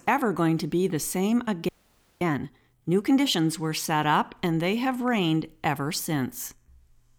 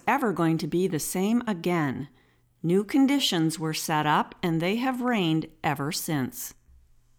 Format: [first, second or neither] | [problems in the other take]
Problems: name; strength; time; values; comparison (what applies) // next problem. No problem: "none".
second | audio freezing; at 1.5 s for 0.5 s